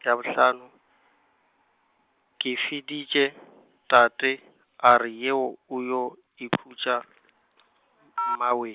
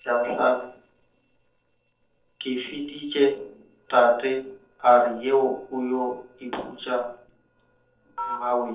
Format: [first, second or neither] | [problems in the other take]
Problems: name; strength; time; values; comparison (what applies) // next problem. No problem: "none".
first | noise reduction (neural separator model SepFormer DNS4)